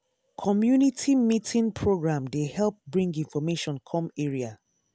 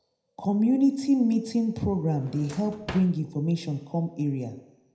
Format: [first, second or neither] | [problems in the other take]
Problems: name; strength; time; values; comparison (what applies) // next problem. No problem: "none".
first | background sound (Drawer open or close); 16 dB below the speech // room echo; dies away in 0.8 s